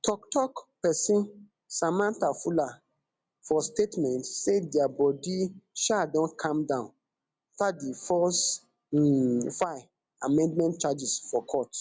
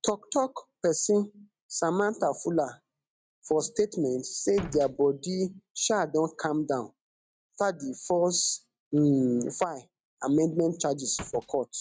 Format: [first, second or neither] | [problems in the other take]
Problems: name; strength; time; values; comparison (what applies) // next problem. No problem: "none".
first | noise reduction (neural mask model RNNoise)